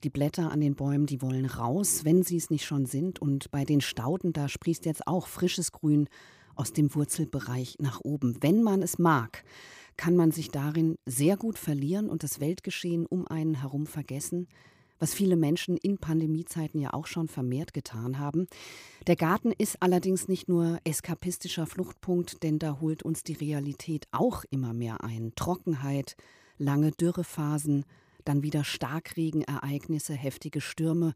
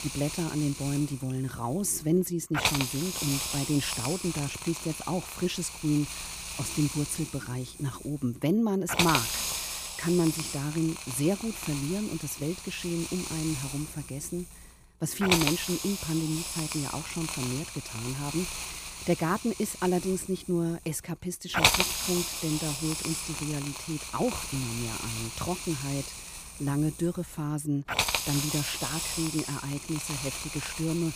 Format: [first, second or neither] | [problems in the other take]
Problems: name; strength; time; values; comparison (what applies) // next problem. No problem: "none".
first | hiss; loud; throughout; 1 dB below the speech